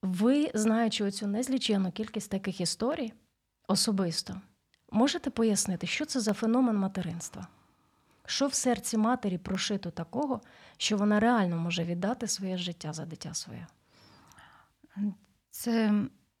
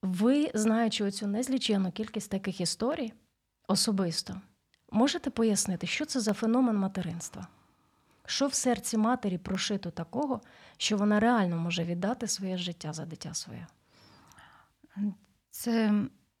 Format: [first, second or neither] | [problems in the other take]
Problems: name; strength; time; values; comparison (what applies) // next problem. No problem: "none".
neither | none